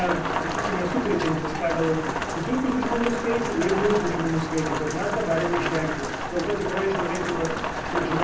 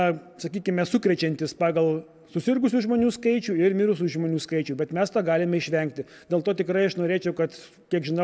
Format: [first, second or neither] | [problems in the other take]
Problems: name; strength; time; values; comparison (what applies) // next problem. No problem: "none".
second | background sound (Rain); 2 dB below the speech // room echo; dies away in 0.6 s